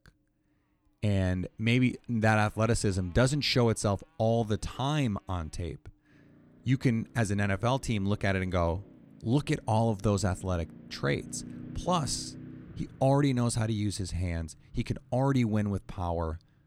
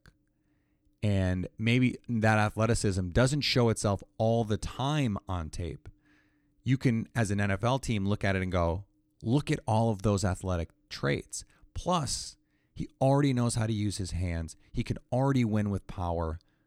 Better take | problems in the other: second | traffic noise; faint; throughout; 20 dB below the speech

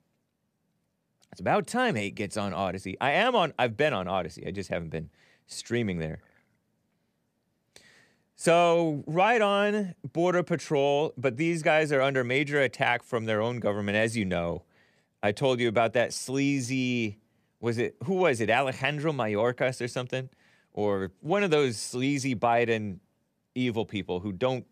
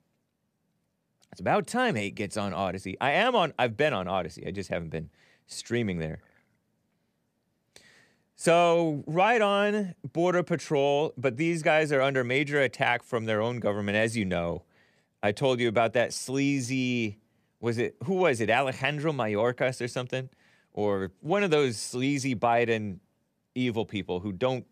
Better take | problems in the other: neither | none

